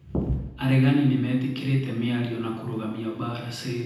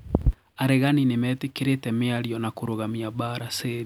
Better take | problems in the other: second | room echo; dies away in 0.9 s

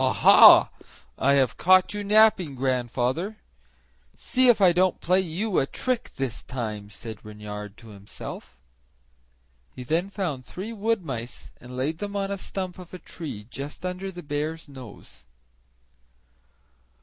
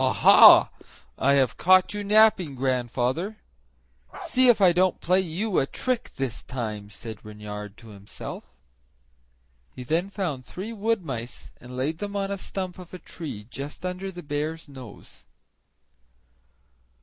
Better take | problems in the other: first | noise reduction (neural mask model Resemble Enhance denoiser)

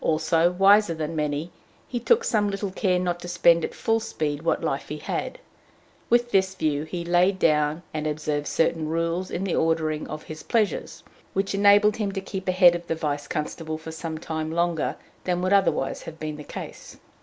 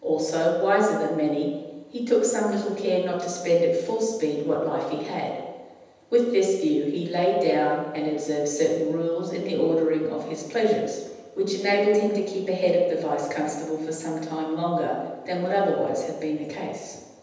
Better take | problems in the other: first | room echo; dies away in 1.1 s

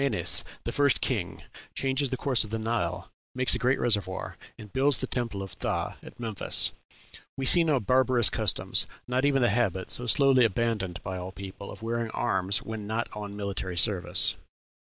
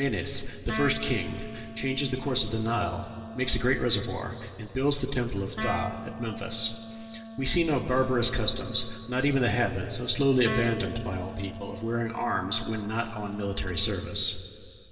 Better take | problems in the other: first | background sound (Wind instrument, woodwind instrument); 12 dB below the speech // room echo; dies away in 2.9 s

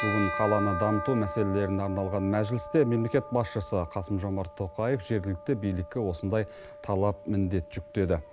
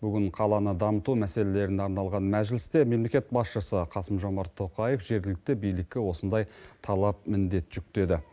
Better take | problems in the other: second | background sound (Bell); 10 dB below the speech

